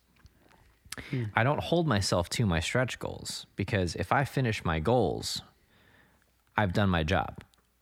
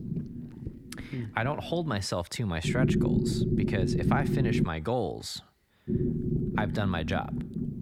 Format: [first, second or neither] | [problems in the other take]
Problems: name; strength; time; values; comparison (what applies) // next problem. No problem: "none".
first | low rumble; loud; until 2 s, from 2.5 to 4.5 s and from 6 s on; 3 dB below the speech